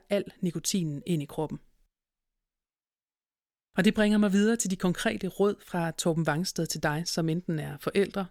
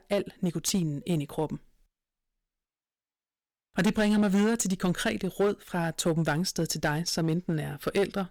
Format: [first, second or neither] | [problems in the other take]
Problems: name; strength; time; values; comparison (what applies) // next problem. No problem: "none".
first | distortion; slight; 7% of the sound clipped